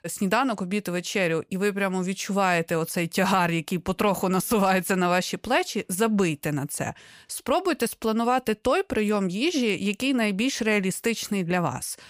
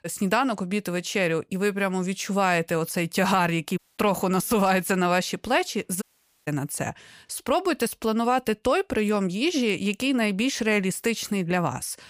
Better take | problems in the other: first | audio cutting out; at 4 s and at 6 s

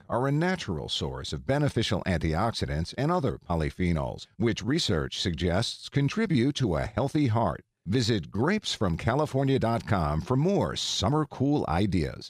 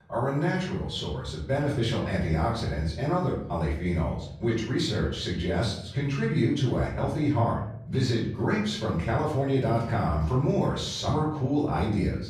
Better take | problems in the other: first | off-mic speech; far // room echo; noticeable; dies away in 0.6 s

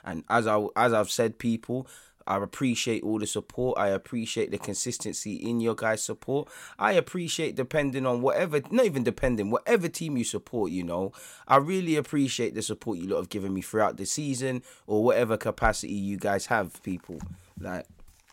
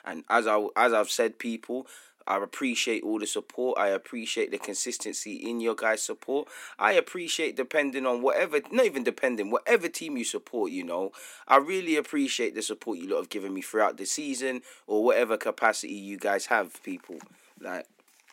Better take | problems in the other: first | thin; very slightly; fading below 250 Hz

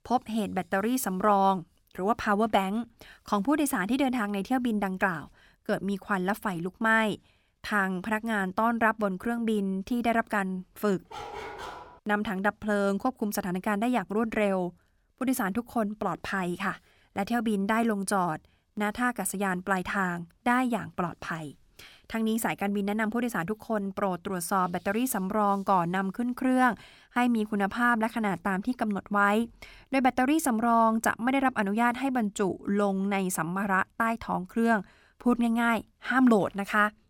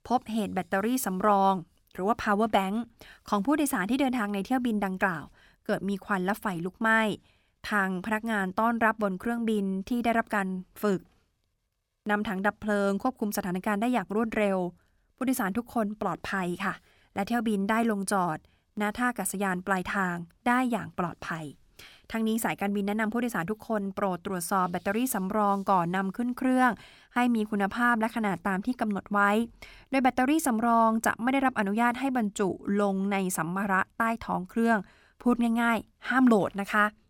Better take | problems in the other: second | dog barking; faint; at 11 s; peak 10 dB below the speech

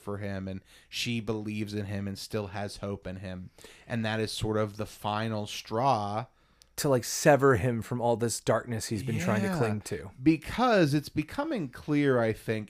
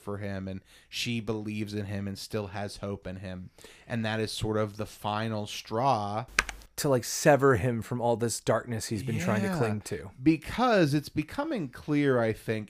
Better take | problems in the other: first | keyboard typing; noticeable; at 6.5 s; peak level with the speech

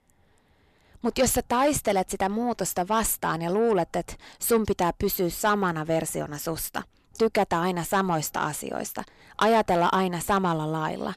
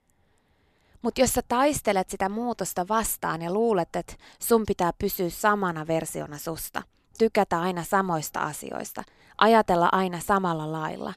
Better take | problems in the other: second | distortion; slight; 10 dB below the speech

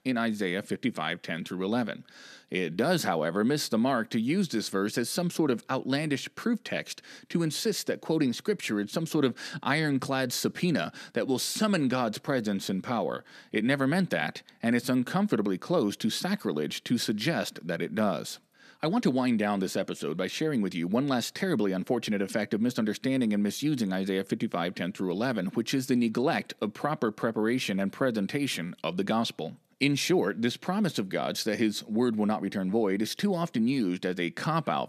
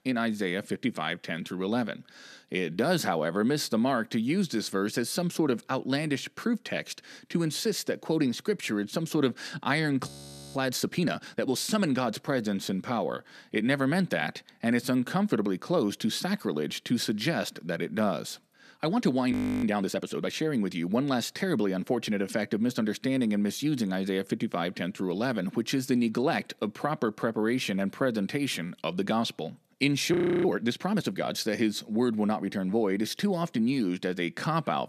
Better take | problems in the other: first | audio freezing; at 10 s, at 19 s and at 30 s

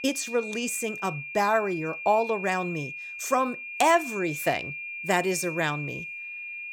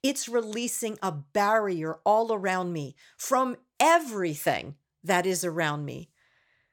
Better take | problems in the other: second | high-pitched whine; loud; throughout; 2.5 kHz, 8 dB below the speech

